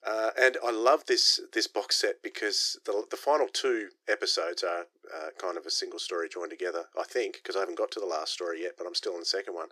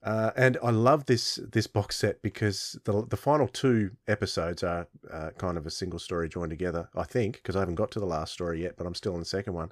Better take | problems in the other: second | thin; very; fading below 350 Hz

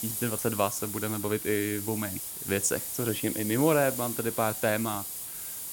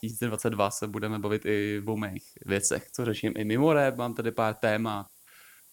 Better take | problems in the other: second | hiss; loud; throughout; 4 dB below the speech; faint in the second

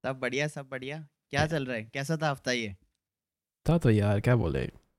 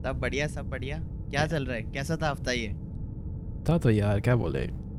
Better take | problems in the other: first | low rumble; noticeable; throughout; 20 dB below the speech

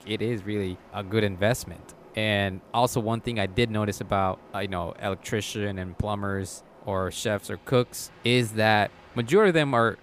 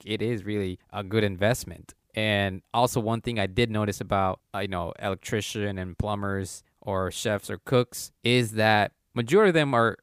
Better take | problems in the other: second | train or aircraft noise; faint; throughout; 25 dB below the speech

